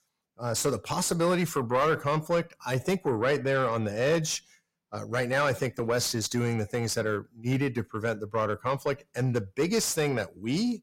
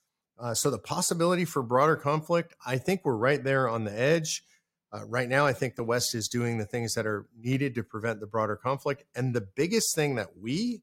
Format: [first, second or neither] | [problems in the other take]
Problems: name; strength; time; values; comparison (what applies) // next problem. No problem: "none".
second | distortion; slight; 10 dB below the speech